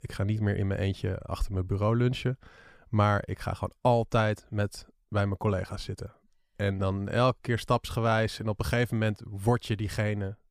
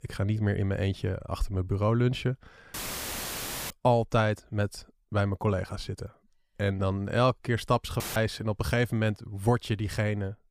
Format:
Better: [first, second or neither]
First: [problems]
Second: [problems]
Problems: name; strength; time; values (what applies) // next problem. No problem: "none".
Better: first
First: none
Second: audio cutting out; filled with static; at 2.5 s for 1 s and at 8 s